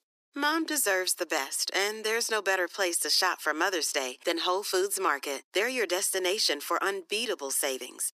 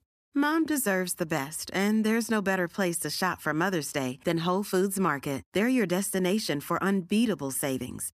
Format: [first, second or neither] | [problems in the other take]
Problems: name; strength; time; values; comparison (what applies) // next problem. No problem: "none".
second | thin; very; fading below 350 Hz